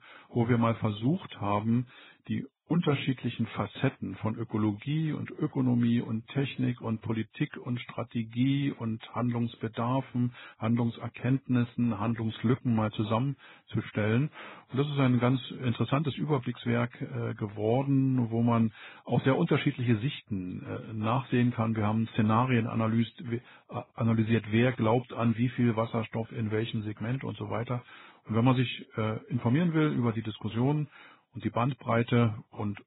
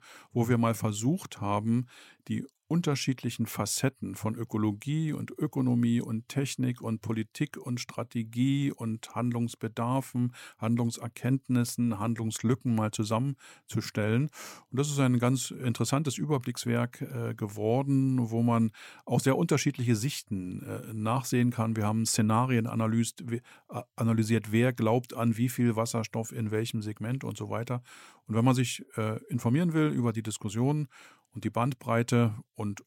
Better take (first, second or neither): second